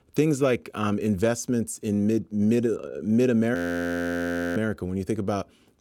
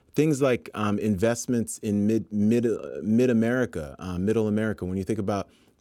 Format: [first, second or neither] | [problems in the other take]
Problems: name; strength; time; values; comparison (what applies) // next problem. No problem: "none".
second | audio freezing; at 3.5 s for 1 s